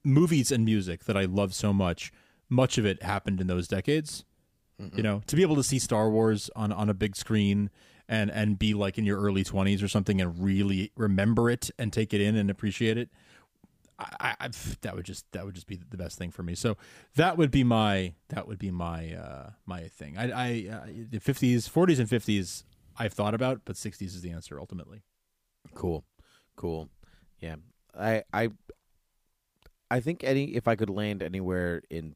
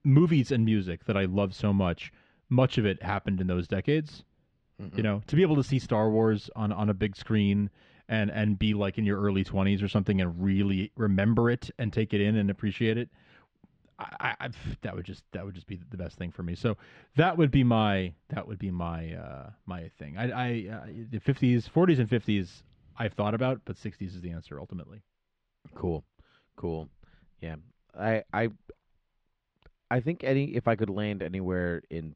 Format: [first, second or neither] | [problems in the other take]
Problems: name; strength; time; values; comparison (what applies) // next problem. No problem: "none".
first | muffled; slightly; fading above 3.5 kHz